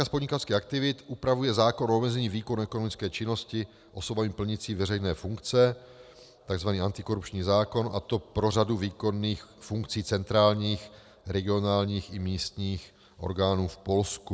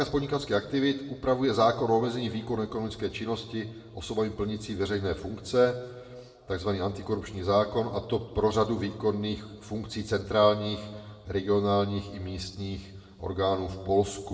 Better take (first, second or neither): first